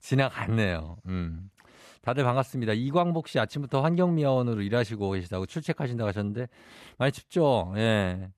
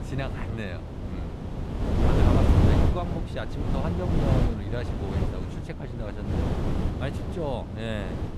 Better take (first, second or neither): first